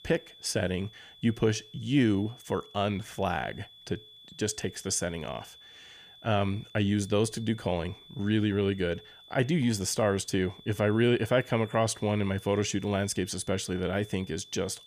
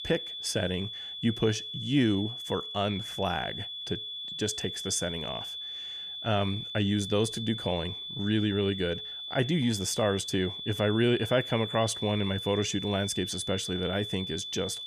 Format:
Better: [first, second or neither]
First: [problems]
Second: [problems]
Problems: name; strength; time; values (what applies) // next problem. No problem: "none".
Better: first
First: high-pitched whine; faint; throughout; 3.5 kHz, 20 dB below the speech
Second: high-pitched whine; loud; throughout; 3.5 kHz, 6 dB below the speech